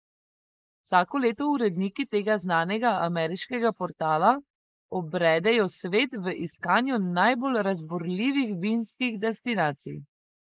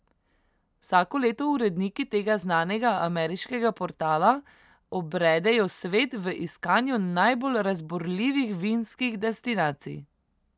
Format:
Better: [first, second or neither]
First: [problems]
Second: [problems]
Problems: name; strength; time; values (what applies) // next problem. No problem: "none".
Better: second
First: noise reduction (neural mask model Resemble Enhance denoiser)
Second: none